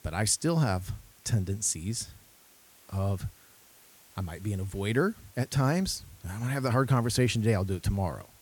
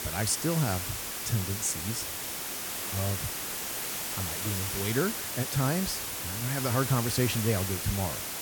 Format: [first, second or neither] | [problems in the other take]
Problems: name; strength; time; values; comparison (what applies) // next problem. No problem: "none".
first | hiss; loud; throughout; 1 dB below the speech; faint in the first